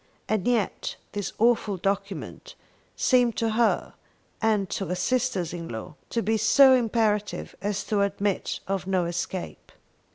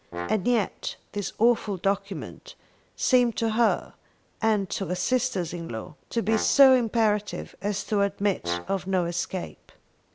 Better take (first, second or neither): first